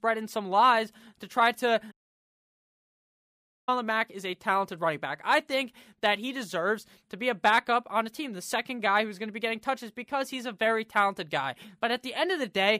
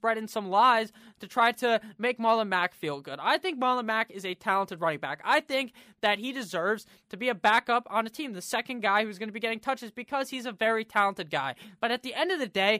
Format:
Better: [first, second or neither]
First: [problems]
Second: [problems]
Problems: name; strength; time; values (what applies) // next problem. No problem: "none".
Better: second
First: audio cutting out; at 2 s for 2 s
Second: none